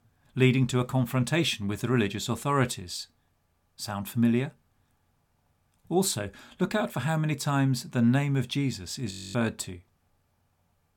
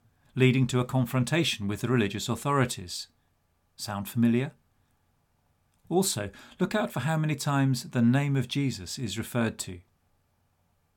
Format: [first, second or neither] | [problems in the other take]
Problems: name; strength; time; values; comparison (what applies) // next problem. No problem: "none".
second | audio freezing; at 9 s